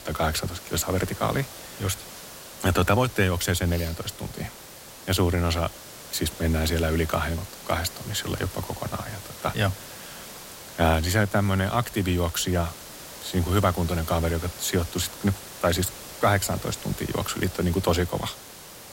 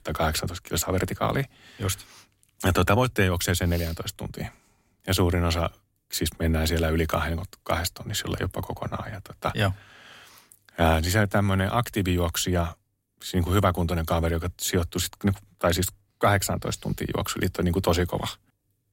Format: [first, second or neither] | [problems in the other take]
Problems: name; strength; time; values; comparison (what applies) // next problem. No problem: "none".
second | hiss; noticeable; throughout; 15 dB below the speech